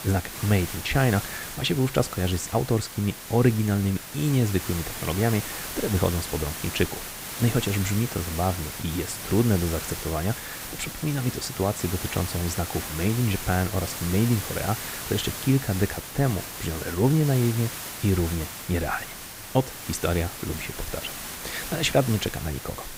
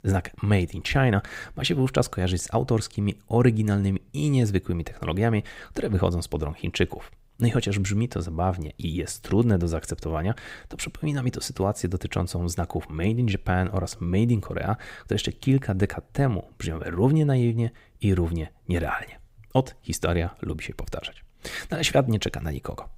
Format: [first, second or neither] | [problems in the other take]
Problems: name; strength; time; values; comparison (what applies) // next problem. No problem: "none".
second | hiss; loud; throughout; 7 dB below the speech